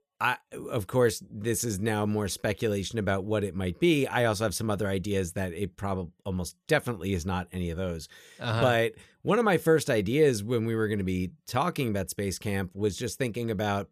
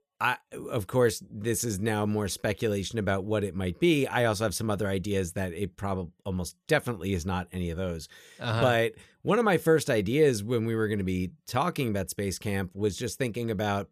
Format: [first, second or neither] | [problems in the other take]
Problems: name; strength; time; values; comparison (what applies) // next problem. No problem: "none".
neither | none